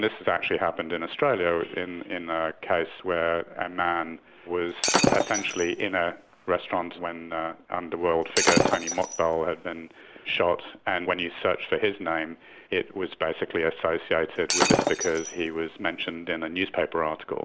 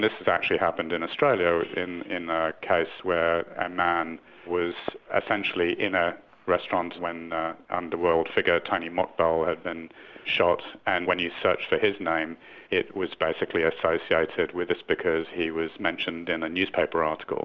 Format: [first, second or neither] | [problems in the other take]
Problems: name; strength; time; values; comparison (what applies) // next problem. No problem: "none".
second | background sound (Shatter); as loud as the speech